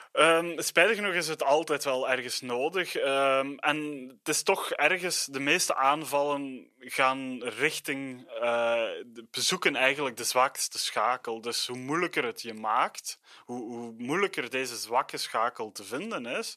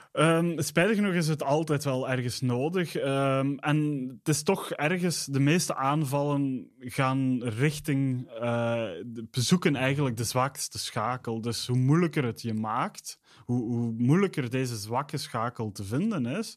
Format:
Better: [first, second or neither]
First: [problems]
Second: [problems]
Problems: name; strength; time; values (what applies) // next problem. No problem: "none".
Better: second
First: thin; very; fading below 550 Hz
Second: none